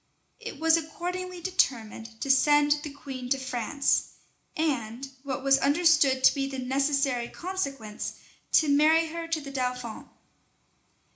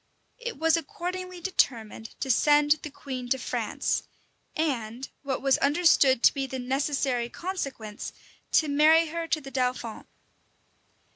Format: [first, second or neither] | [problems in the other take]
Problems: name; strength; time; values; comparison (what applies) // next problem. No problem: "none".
second | room echo; dies away in 0.4 s